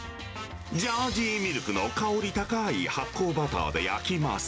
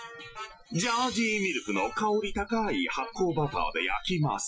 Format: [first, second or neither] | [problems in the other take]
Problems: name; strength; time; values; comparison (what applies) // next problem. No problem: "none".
first | noise reduction (classical method Wiener filter)